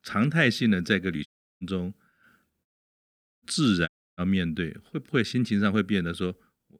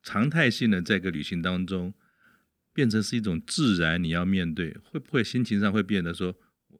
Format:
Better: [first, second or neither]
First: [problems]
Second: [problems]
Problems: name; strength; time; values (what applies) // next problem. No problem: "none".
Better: second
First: audio cutting out; at 1.5 s, at 2.5 s for 1 s and at 4 s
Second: none